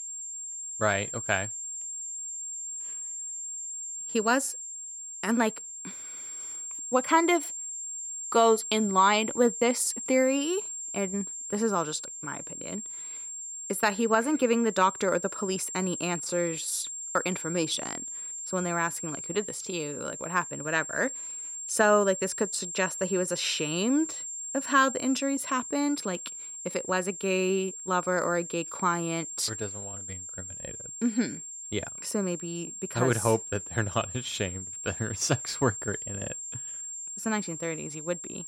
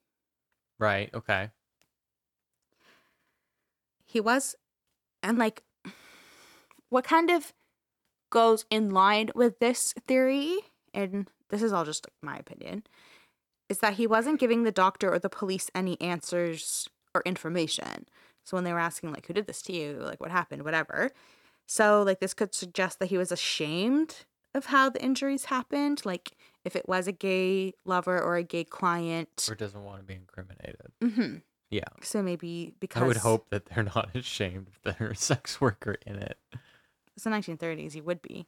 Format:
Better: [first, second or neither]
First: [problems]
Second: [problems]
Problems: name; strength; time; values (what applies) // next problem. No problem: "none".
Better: second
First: high-pitched whine; loud; throughout; 7.5 kHz, 7 dB below the speech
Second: none